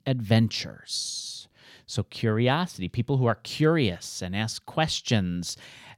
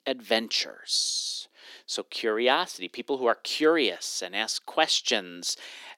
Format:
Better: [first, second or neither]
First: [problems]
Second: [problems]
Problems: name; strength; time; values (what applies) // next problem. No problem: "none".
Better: first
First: none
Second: thin; very; fading below 300 Hz